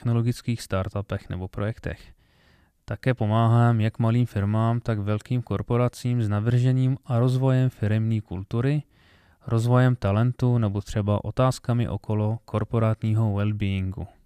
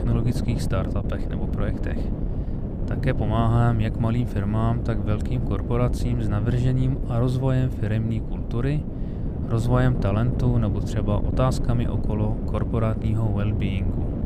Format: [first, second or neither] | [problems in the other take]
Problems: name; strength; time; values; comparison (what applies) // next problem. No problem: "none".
first | wind noise on the microphone; heavy; 6 dB below the speech